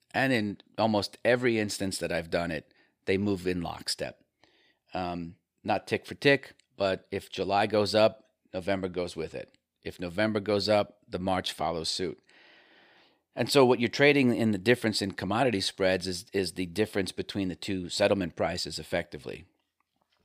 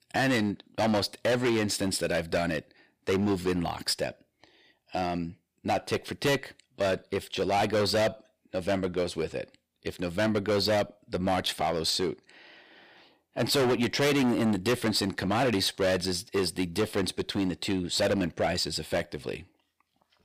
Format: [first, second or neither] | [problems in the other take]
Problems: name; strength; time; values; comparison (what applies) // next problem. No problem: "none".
first | distortion; heavy; 11% of the sound clipped